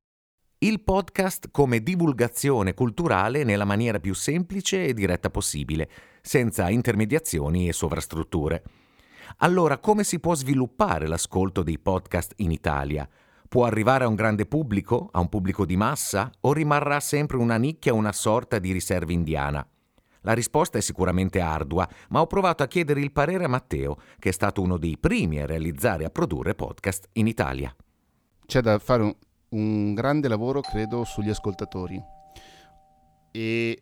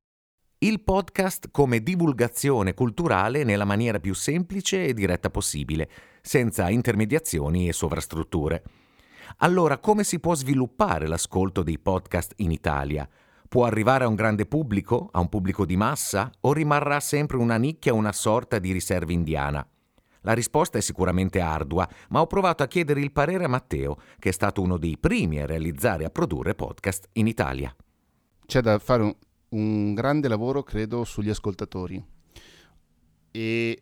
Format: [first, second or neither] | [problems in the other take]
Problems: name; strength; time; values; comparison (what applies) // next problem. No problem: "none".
second | doorbell; faint; from 31 to 32 s; peak 15 dB below the speech